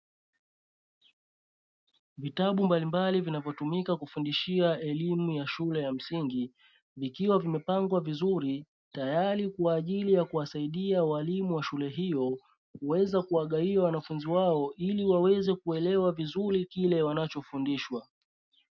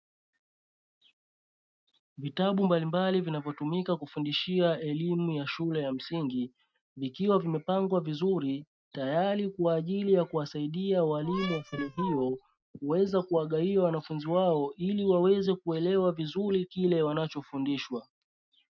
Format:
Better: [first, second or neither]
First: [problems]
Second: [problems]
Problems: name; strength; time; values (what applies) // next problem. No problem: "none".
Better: first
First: none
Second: noise reduction (neural mask model RNNoise)